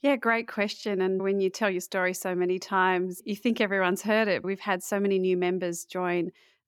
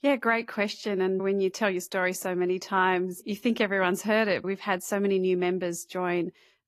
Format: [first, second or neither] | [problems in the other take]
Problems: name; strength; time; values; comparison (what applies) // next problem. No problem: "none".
first | garbled, watery; slightly